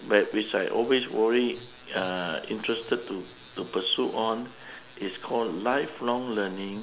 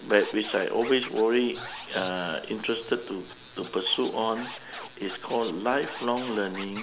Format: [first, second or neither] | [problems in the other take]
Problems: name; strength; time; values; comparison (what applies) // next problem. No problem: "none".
first | background sound (Scratching (performance technique)); 15 dB below the speech